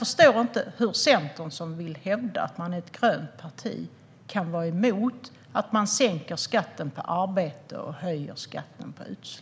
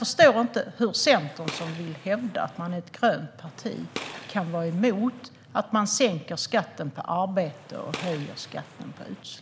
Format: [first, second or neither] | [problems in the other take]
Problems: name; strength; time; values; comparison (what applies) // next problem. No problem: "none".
first | background sound (Gunshot, gunfire); 15 dB below the speech